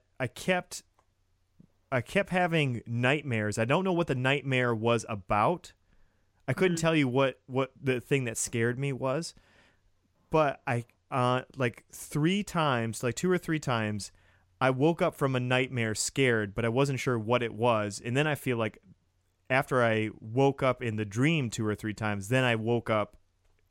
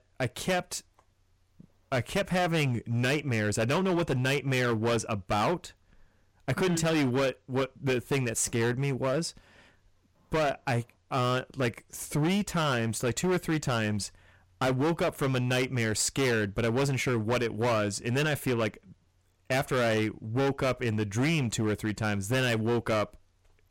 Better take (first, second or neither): first